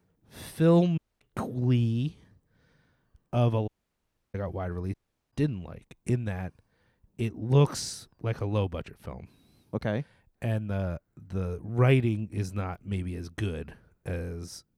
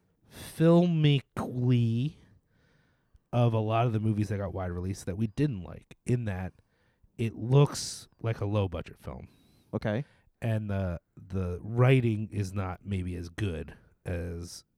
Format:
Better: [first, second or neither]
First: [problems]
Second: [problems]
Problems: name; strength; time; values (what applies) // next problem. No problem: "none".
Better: second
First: audio cutting out; at 1 s, at 3.5 s for 0.5 s and at 5 s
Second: none